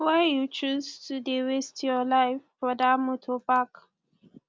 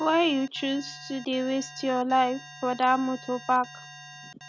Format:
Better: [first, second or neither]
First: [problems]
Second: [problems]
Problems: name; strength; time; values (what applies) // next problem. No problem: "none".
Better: first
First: none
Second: background sound (Alarm); 18 dB below the speech